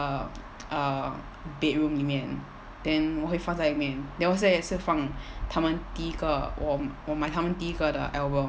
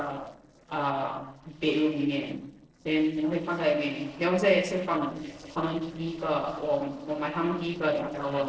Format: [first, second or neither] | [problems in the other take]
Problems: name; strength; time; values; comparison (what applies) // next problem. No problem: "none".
first | noise reduction (neural separator model SepFormer DNS4)